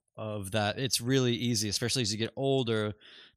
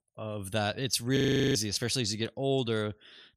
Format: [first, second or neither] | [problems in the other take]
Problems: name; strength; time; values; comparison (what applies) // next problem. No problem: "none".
first | audio freezing; at 1 s